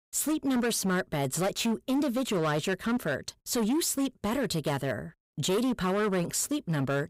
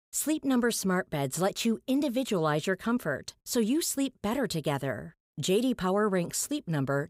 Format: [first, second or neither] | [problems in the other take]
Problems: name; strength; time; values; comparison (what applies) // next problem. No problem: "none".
second | distortion; slight; 16% of the sound clipped